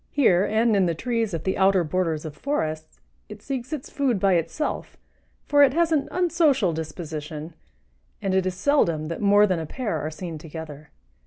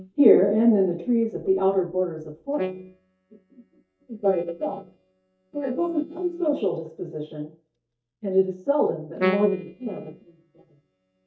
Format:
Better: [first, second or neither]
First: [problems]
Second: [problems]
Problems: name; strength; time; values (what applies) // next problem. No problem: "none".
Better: first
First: none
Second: noise reduction (neural mask model DeepFilterNet 3)